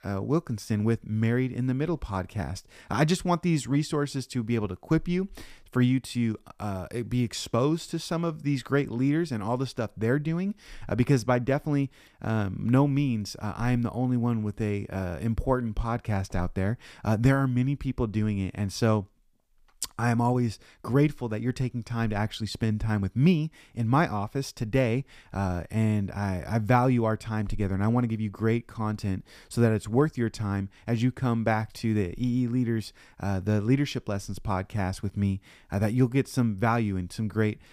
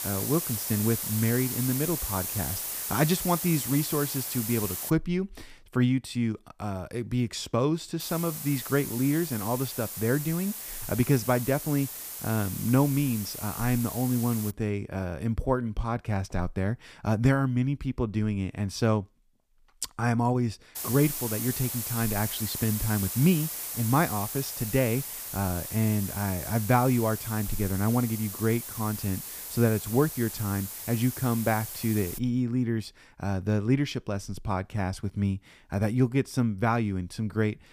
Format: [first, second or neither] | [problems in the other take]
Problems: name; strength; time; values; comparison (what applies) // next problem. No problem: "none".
first | hiss; loud; until 5 s, from 8 to 15 s and from 21 to 32 s; 5 dB below the speech